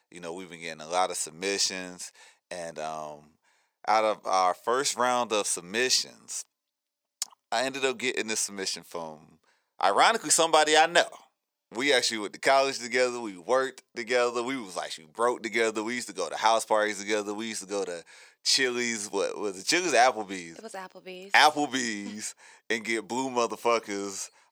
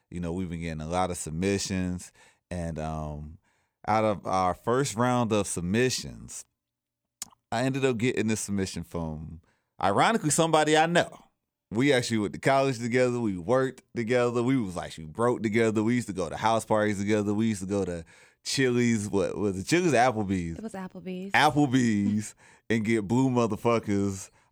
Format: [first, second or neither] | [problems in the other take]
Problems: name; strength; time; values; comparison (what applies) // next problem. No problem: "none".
second | thin; somewhat; fading below 500 Hz